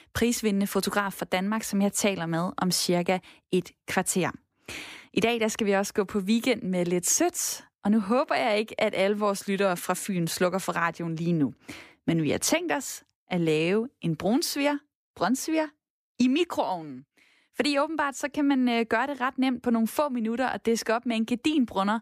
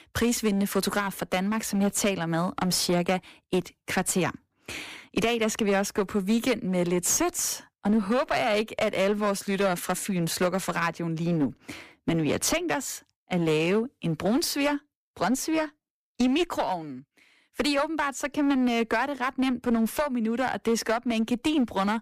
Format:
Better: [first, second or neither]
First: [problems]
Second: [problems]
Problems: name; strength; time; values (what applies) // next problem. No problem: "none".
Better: first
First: none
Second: distortion; slight; 10% of the sound clipped